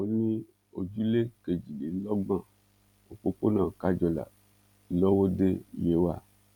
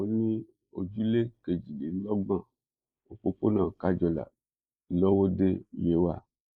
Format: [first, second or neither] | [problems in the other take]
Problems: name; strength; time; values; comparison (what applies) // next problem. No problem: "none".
first | noise reduction (neural mask model Resemble Enhance denoiser)